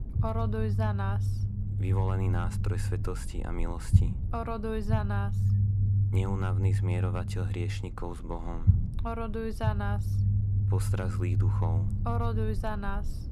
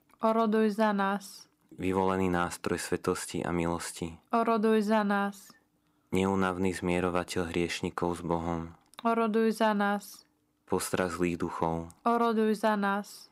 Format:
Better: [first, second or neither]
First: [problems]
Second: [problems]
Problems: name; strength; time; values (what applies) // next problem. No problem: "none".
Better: second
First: low rumble; loud; throughout; 6 dB below the speech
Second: none